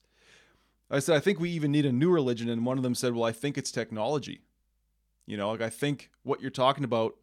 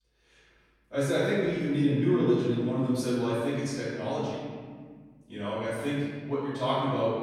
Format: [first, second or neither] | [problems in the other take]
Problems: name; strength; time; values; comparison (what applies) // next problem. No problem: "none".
first | room echo; strong; dies away in 1.7 s // off-mic speech; far